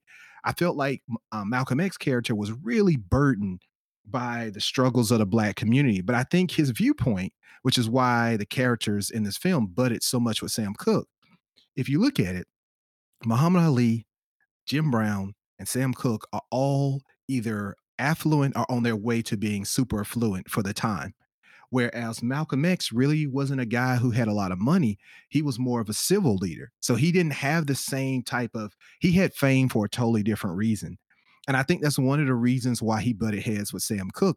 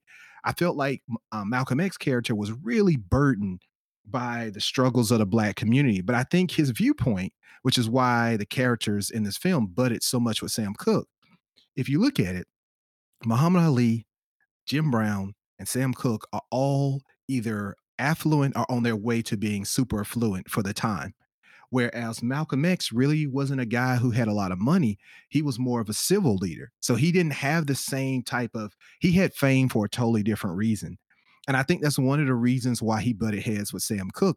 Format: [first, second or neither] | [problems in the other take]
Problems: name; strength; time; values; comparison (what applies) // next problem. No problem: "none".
neither | none